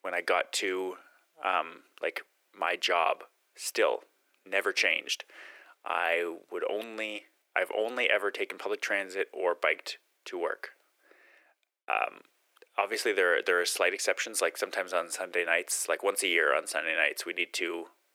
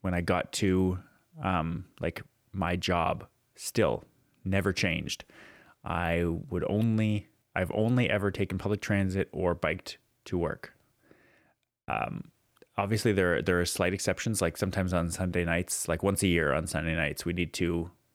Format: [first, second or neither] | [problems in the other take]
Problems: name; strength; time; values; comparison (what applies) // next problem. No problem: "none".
second | thin; very; fading below 400 Hz